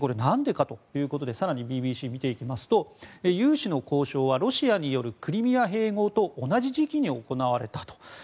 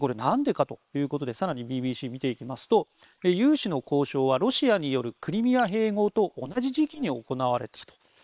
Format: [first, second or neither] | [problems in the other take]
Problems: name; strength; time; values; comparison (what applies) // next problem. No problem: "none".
first | noise reduction (neural separator model SepFormer WHAM!)